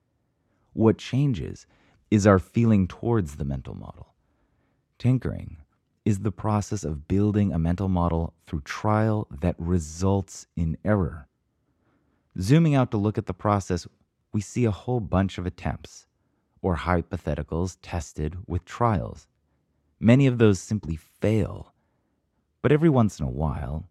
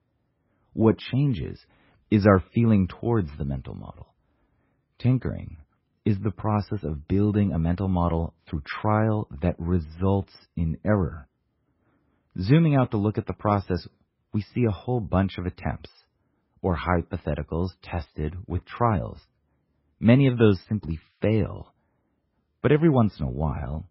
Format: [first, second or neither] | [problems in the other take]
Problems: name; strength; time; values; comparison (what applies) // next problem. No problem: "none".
first | garbled, watery; badly; nothing above 5.5 kHz